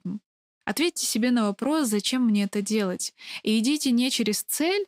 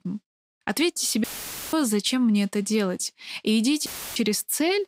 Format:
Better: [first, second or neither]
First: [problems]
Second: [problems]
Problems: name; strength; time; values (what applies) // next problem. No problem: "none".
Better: first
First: none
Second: audio cutting out; filled with static; at 1 s and at 4 s